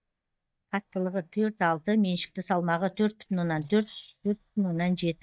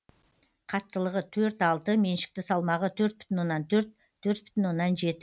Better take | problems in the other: second | noise reduction (neural mask model DeepFilterNet 3)

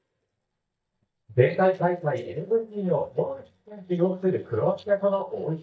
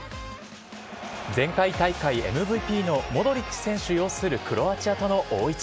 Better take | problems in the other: second | noise reduction (neural mask model DeepFilterNet 3)

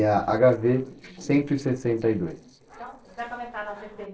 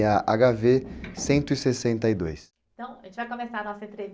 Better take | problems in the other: second | noise reduction (neural separator model SepFormer DNS4)

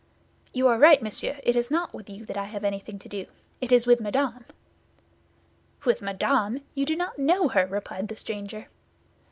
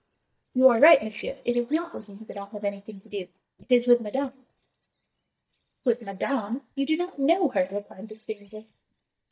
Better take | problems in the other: first | noise reduction (neural mask model DeepFilterNet 3)

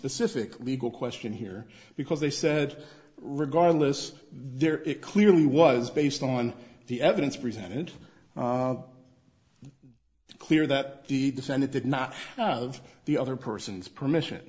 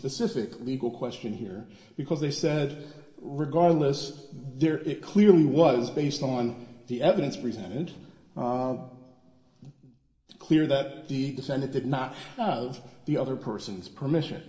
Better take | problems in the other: first | room echo; dies away in 1.4 s

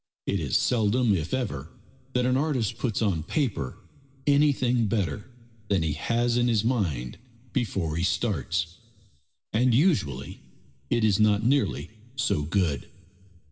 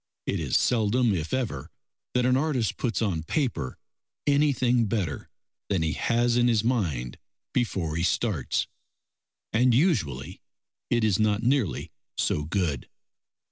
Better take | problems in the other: second | room echo; dies away in 0.9 s

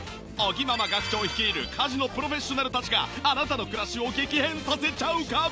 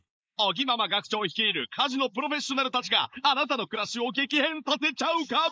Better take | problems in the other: first | noise reduction (neural mask model Resemble Enhance denoiser)

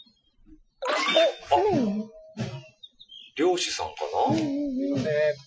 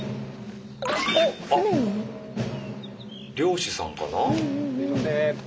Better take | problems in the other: second | noise reduction (classical method Wiener filter)

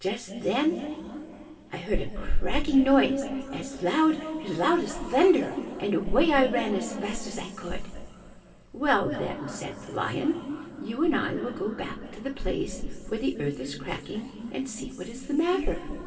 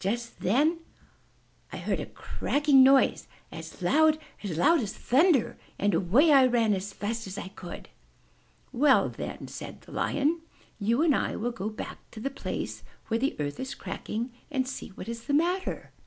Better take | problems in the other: second | room echo; dies away in 2.8 s

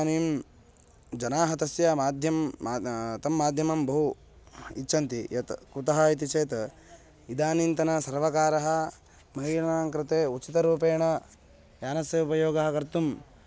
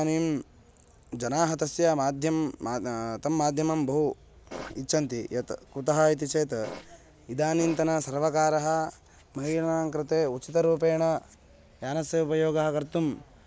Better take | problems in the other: first | background sound (Fart); 13 dB below the speech

